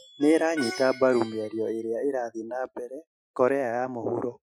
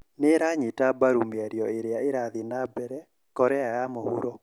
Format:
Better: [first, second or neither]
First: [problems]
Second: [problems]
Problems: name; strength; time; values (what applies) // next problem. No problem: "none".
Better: second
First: noise reduction (classical method Wiener filter)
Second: none